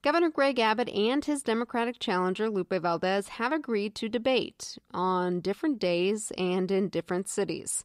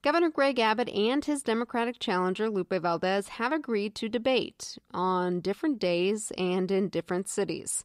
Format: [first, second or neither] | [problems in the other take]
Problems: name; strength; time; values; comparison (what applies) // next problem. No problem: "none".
neither | none